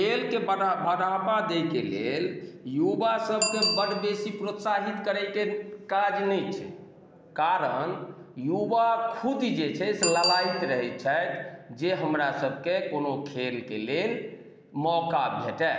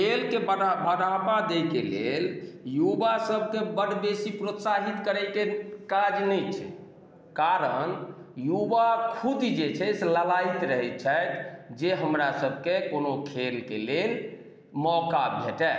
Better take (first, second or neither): second